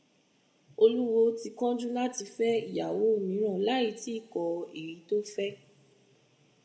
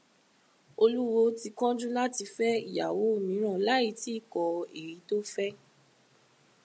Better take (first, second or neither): second